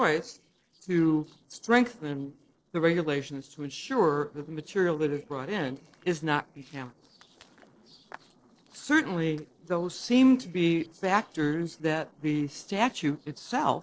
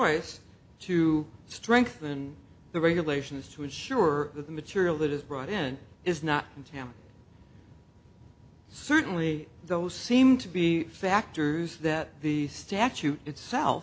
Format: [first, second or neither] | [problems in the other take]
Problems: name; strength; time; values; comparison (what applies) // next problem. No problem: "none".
second | noise reduction (neural separator model SepFormer DNS4)